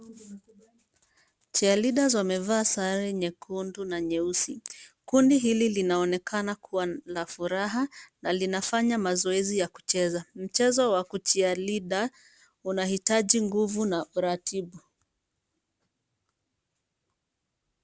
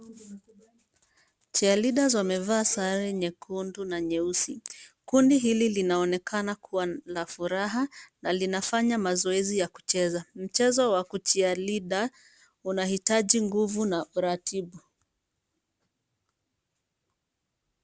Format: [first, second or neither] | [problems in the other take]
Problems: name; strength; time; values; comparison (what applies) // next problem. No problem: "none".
first | background sound (Siren); 20 dB below the speech